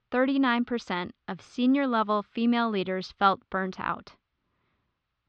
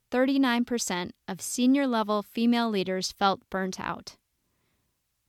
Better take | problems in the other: second | muffled; slightly; fading above 4 kHz

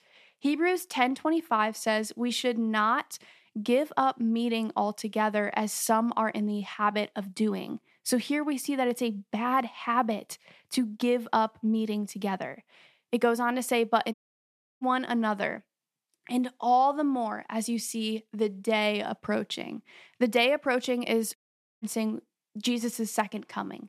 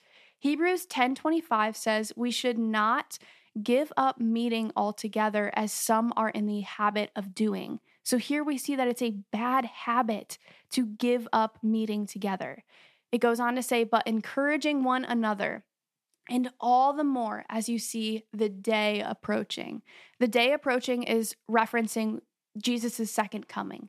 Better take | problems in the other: second | audio cutting out; at 14 s for 0.5 s and at 21 s

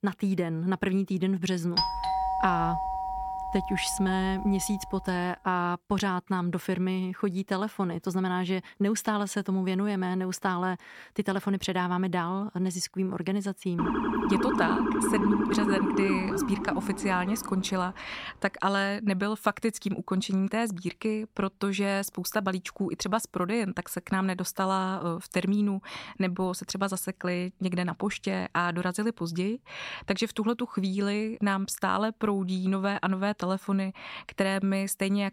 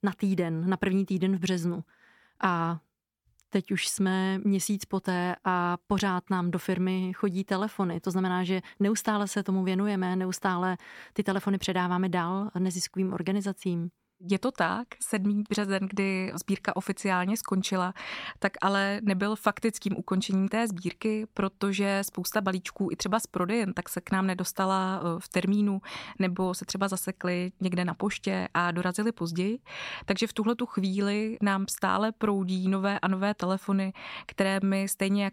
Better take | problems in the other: second | doorbell; loud; from 2 to 5 s; peak 3 dB above the speech // siren; loud; from 14 to 18 s; peak 3 dB above the speech

